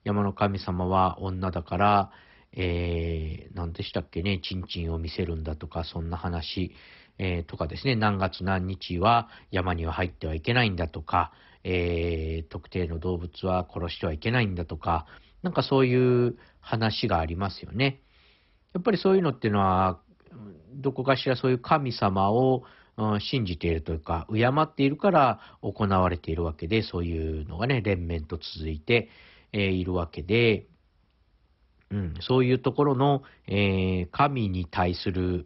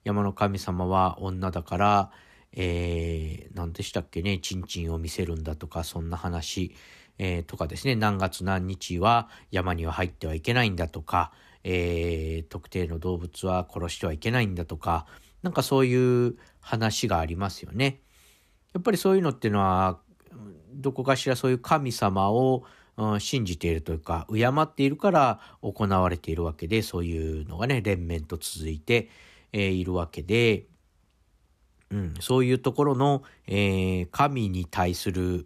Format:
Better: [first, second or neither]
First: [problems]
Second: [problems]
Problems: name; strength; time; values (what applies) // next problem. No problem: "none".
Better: second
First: garbled, watery; badly; nothing above 5.5 kHz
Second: none